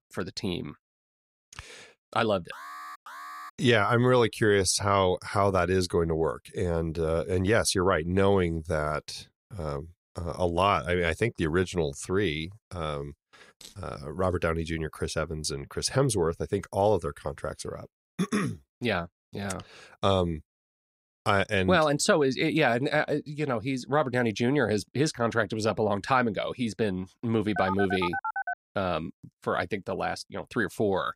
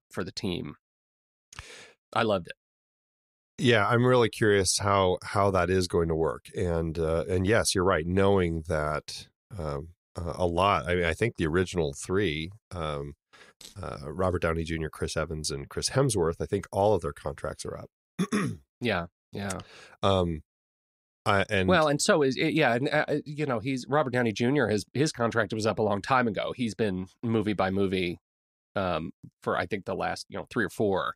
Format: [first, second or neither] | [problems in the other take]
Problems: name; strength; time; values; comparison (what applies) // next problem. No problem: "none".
second | alarm; faint; at 2.5 s; peak 15 dB below the speech // phone ringing; noticeable; at 28 s; peak 4 dB below the speech